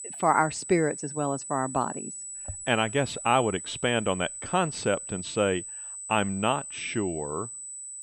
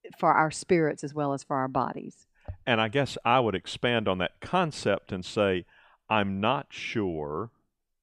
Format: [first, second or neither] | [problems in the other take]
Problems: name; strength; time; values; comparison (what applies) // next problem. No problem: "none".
second | high-pitched whine; loud; throughout; 8 kHz, 9 dB below the speech